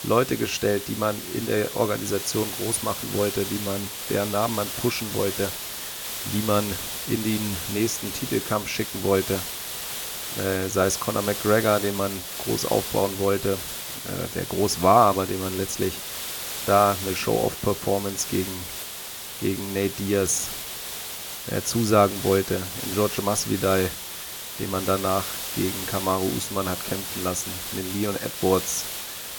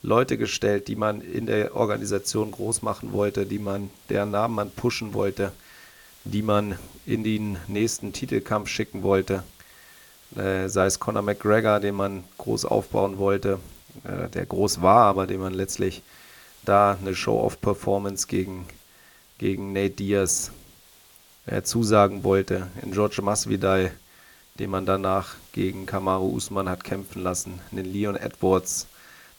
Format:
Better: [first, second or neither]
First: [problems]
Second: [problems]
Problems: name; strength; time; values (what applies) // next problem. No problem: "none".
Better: second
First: hiss; loud; throughout; 5 dB below the speech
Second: hiss; faint; throughout; 25 dB below the speech